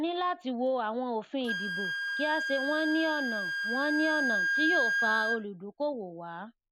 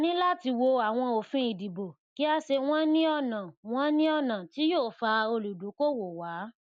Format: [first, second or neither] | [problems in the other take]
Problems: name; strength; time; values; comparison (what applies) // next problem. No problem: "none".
second | background sound (Wind instrument, woodwind instrument); as loud as the speech